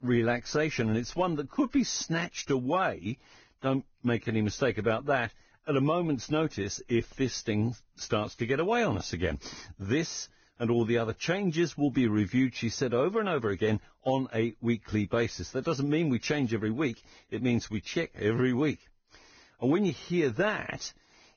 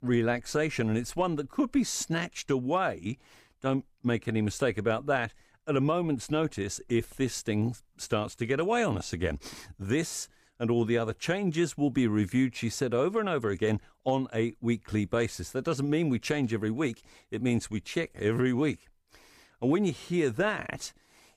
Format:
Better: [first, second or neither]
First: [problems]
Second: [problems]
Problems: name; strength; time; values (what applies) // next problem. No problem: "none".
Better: second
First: garbled, watery; badly; nothing above 6.5 kHz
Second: none